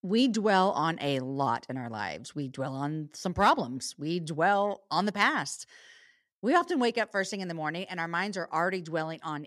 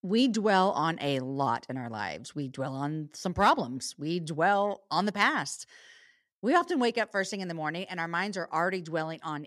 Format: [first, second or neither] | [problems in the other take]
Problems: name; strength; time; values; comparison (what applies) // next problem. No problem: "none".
neither | none